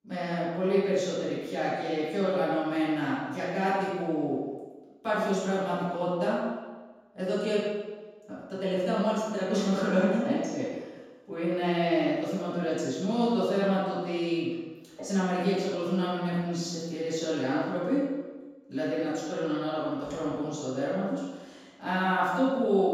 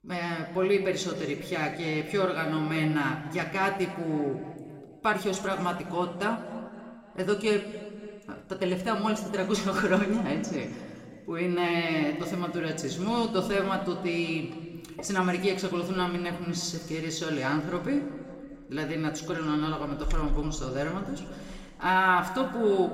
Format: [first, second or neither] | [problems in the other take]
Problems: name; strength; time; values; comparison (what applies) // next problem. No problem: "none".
second | room echo; strong; dies away in 1.2 s; slight in the second // off-mic speech; far; somewhat distant in the second